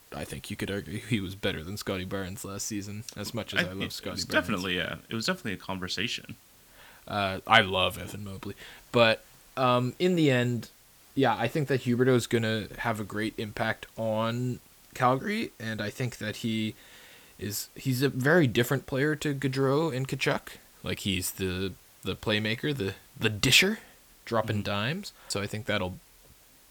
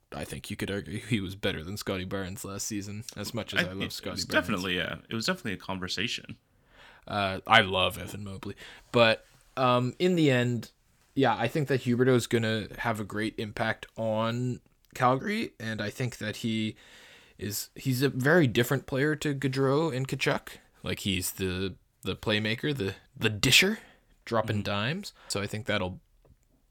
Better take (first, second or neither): second